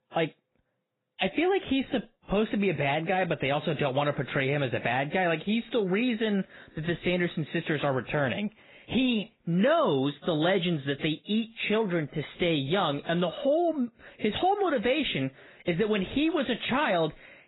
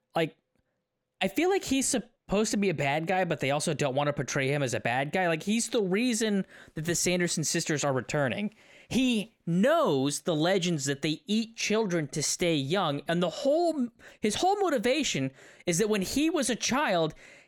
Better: second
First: garbled, watery; badly; nothing above 4 kHz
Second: none

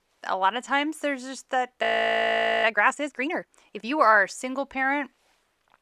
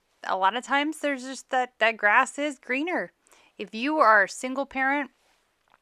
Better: second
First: audio freezing; at 2 s for 1 s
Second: none

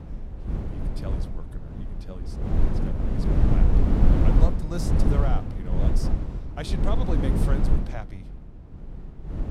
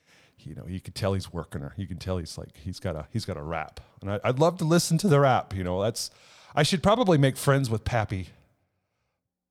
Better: second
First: wind noise on the microphone; heavy; 3 dB above the speech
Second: none

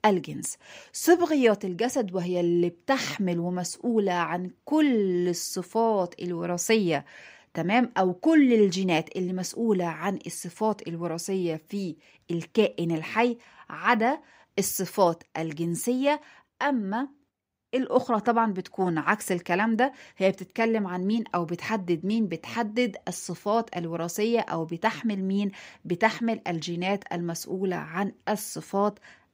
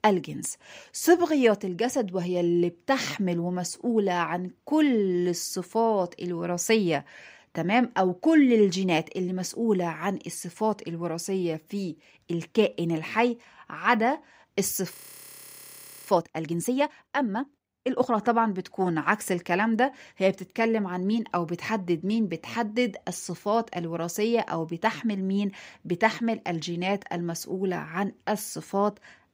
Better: first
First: none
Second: audio freezing; at 15 s for 1 s

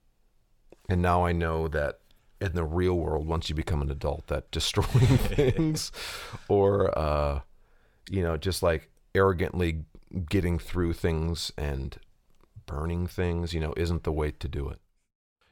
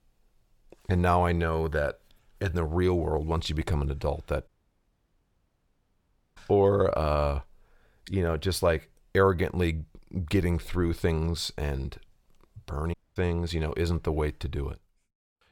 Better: first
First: none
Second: audio cutting out; at 4.5 s for 2 s and at 13 s

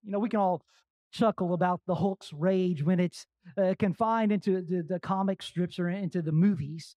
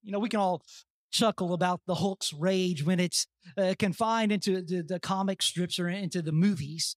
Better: second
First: muffled; very; fading above 2.5 kHz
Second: none

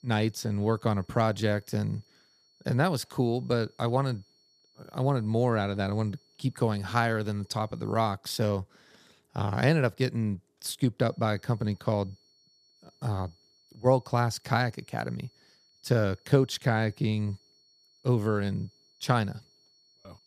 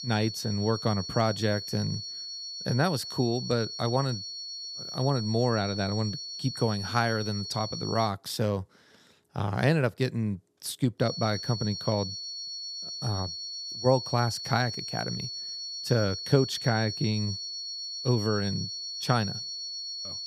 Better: first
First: high-pitched whine; faint; until 8 s and from 11 s on; 4.5 kHz, 35 dB below the speech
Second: high-pitched whine; loud; until 8 s and from 11 s on; 4.5 kHz, 6 dB below the speech

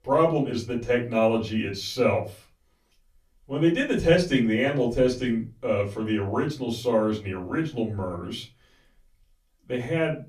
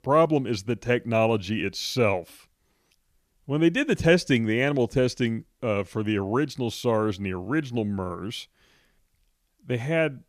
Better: second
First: off-mic speech; far // room echo; very slight; dies away in 0.3 s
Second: none

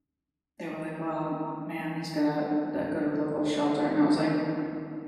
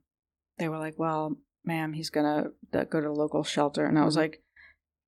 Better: second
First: off-mic speech; far // room echo; strong; dies away in 2.5 s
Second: none

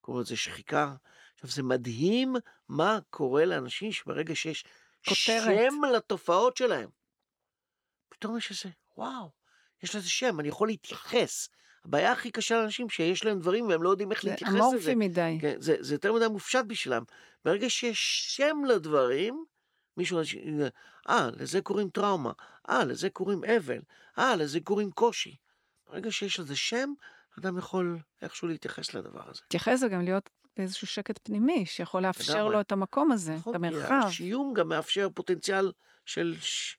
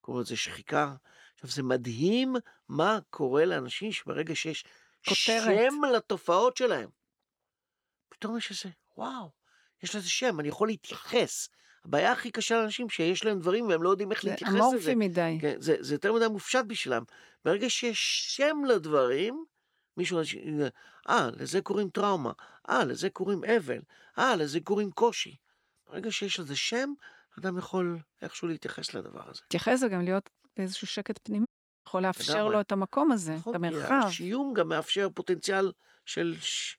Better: first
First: none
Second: audio cutting out; at 31 s

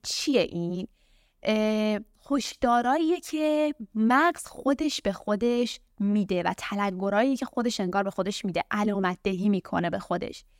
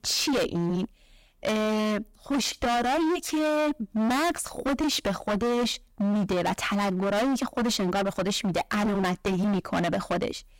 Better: first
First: none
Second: distortion; heavy; 29% of the sound clipped

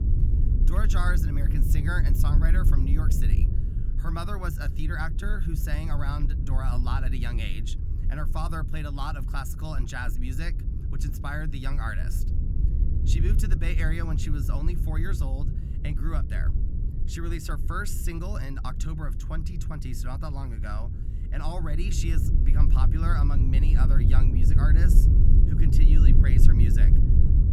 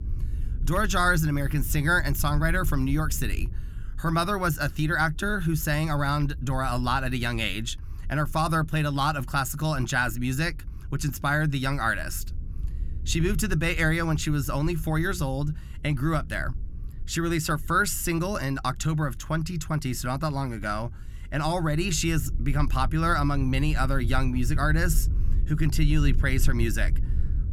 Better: second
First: low rumble; loud; throughout; 5 dB below the speech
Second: low rumble; faint; throughout; 25 dB below the speech

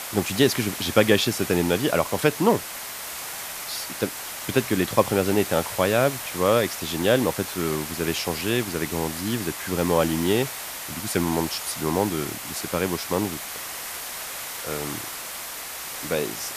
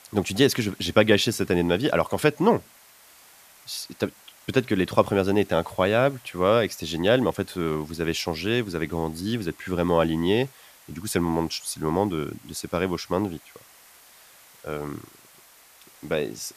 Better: second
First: hiss; loud; throughout; 7 dB below the speech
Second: hiss; faint; throughout; 25 dB below the speech

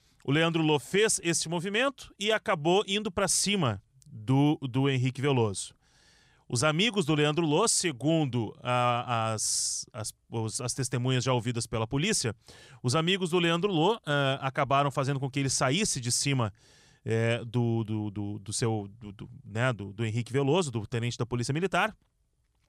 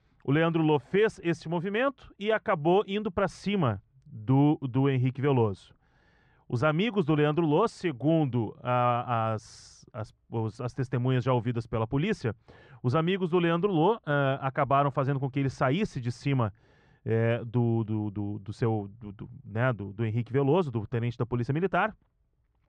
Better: first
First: none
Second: muffled; very; fading above 1.5 kHz

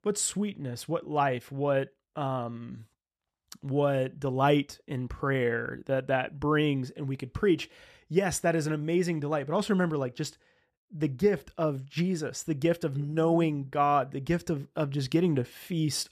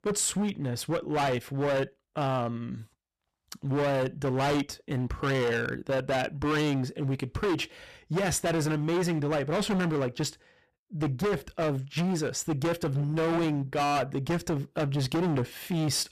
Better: first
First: none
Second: distortion; heavy; 23% of the sound clipped

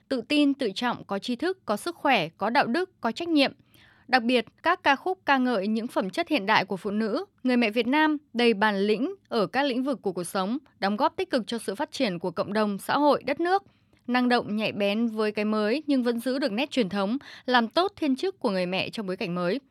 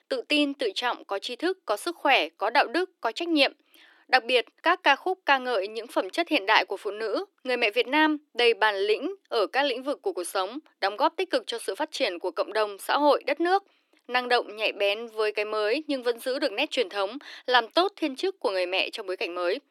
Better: first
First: none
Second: thin; somewhat; fading below 300 Hz

